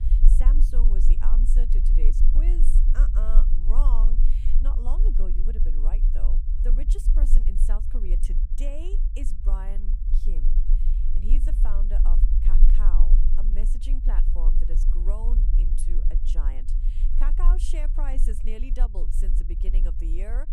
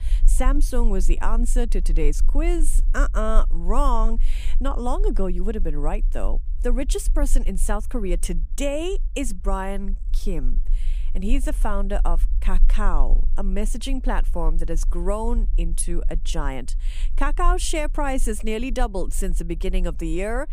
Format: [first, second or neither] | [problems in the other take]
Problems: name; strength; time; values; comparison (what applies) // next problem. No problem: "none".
second | low rumble; loud; throughout; 6 dB below the speech; faint in the second